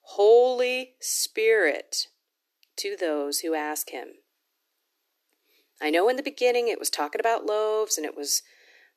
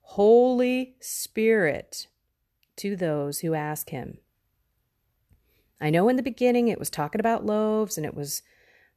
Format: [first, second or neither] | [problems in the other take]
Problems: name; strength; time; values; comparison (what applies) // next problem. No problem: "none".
second | thin; somewhat; fading below 300 Hz